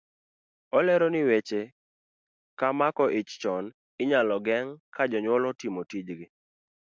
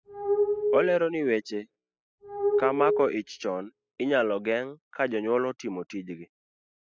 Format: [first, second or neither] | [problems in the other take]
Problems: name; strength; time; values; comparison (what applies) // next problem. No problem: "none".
first | noise reduction (classical method spectral subtraction)